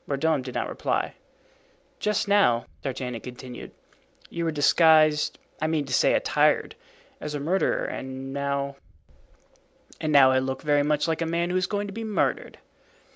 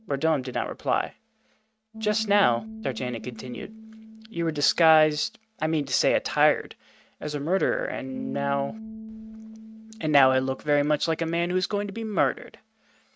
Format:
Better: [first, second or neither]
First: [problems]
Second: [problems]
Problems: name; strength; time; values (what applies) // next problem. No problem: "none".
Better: first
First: none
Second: noise reduction (neural mask model RNNoise)